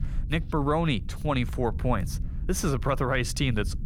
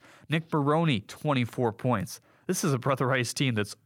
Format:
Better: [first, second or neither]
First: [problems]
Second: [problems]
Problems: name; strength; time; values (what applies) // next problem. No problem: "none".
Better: second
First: low rumble; faint; throughout; 20 dB below the speech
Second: none